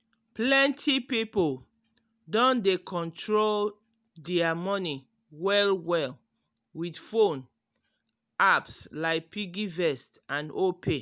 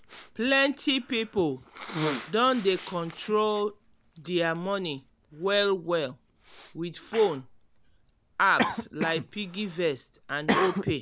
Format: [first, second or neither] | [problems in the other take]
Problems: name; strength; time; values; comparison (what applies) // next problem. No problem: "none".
first | background sound (Cough); 8 dB below the speech